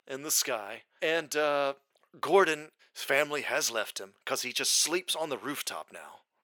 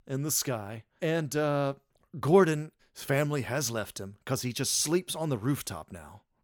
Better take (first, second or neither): second